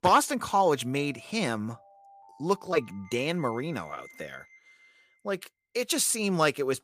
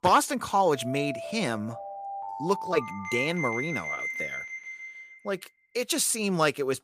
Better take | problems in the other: first | alarms or sirens; loud; until 4.5 s; 6 dB below the speech; faint in the first

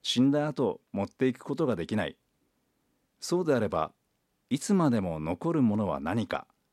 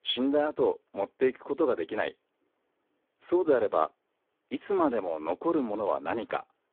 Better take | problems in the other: first | phone-call audio; poor line; nothing above 3.5 kHz

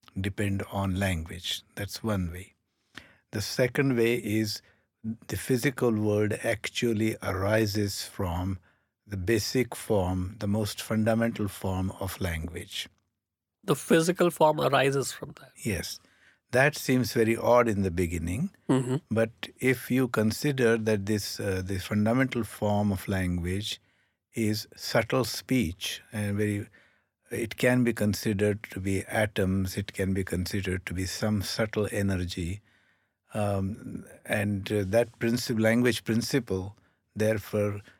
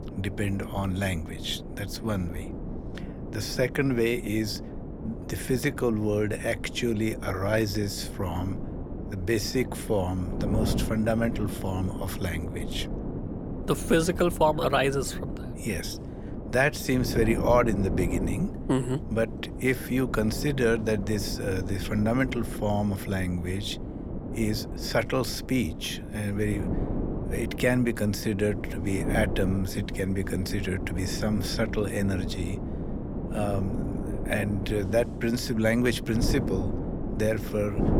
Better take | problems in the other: first | wind noise on the microphone; occasional gusts; 10 dB below the speech

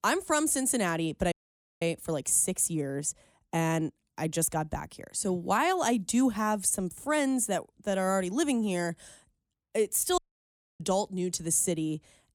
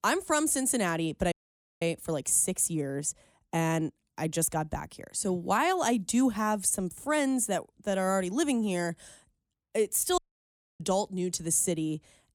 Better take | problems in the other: neither | audio cutting out; at 1.5 s and at 10 s for 0.5 s; the same in both

